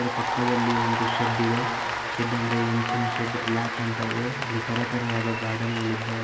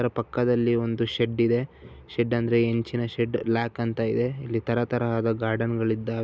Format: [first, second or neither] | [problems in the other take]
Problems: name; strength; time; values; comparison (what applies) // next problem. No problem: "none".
second | background sound (Applause / Cheering); 1 dB below the speech // room echo; dies away in 2.2 s